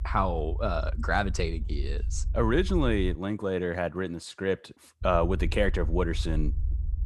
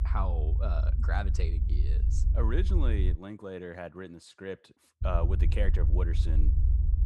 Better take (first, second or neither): first